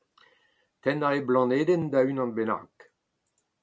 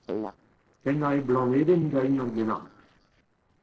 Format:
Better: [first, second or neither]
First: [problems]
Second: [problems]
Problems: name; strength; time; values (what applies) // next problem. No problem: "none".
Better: first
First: none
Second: noise reduction (neural separator model SepFormer DNS4)